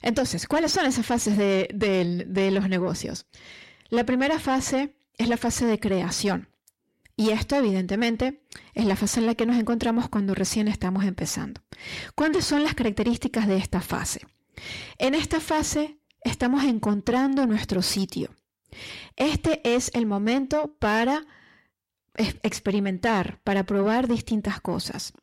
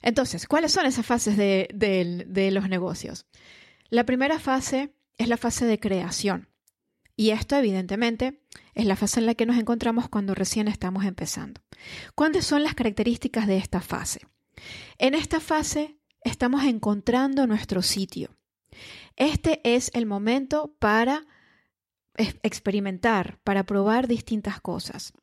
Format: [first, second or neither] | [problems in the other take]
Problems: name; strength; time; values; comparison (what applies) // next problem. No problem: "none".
second | distortion; slight; 10 dB below the speech